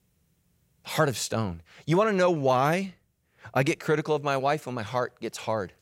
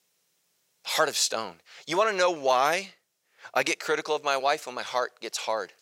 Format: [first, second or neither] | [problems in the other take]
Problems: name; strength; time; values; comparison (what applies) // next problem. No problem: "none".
first | thin; very; fading below 500 Hz